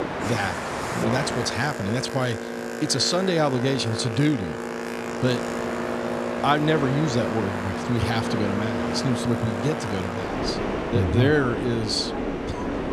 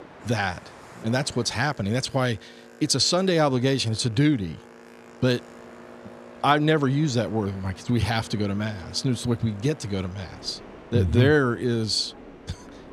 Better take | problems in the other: second | train or aircraft noise; loud; throughout; 3 dB below the speech; faint in the second

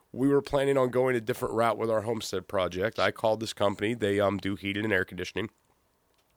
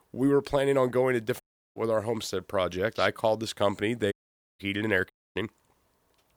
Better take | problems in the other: first | audio cutting out; at 1.5 s, at 4 s and at 5 s

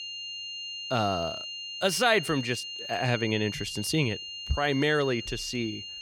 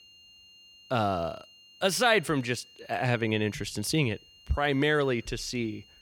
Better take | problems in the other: second | high-pitched whine; loud; throughout; 3 kHz, 8 dB below the speech; faint in the second

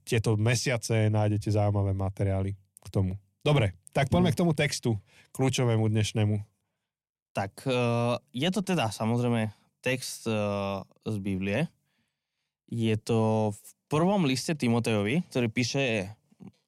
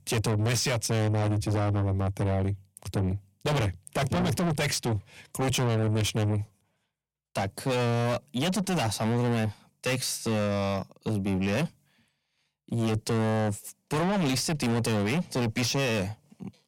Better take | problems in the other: first | distortion; heavy; 7 dB below the speech

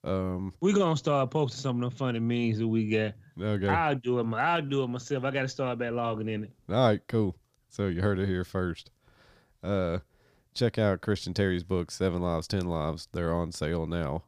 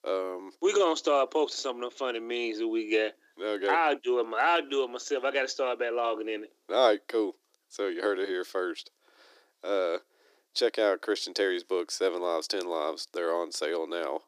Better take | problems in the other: first | thin; very; fading below 300 Hz

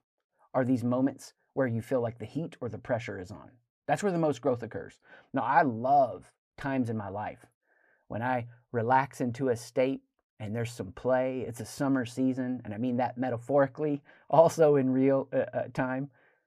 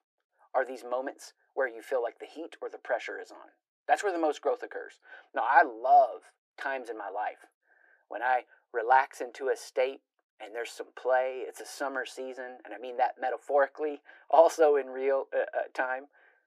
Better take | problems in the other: first | thin; very; fading below 300 Hz

